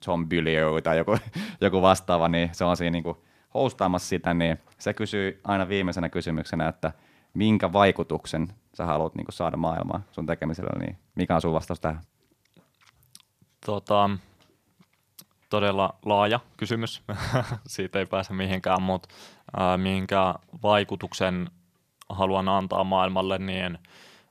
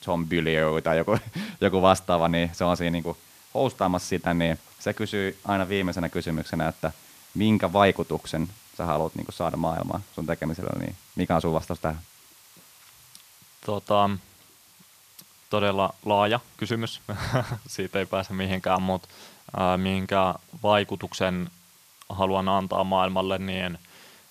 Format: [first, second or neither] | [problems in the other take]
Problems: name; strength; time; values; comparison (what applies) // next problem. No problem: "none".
first | hiss; faint; throughout; 25 dB below the speech